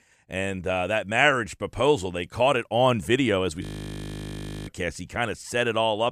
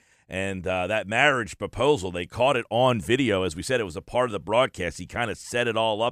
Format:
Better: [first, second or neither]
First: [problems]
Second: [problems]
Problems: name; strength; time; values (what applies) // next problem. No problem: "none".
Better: second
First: audio freezing; at 3.5 s for 1 s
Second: none